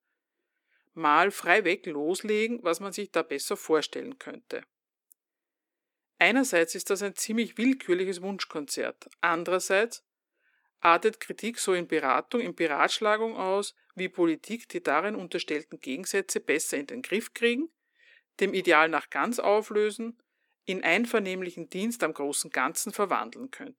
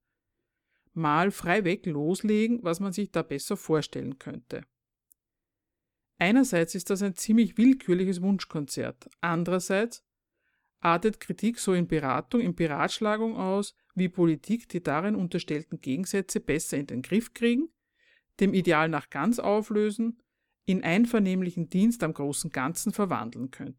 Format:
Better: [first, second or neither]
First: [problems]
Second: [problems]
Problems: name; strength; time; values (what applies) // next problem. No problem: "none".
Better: second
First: thin; somewhat; fading below 350 Hz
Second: none